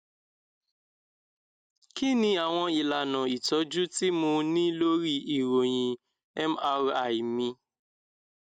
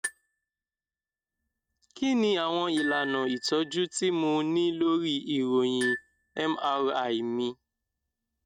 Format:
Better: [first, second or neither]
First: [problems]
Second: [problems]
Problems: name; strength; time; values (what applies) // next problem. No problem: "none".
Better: first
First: none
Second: noise reduction (neural mask model RNNoise)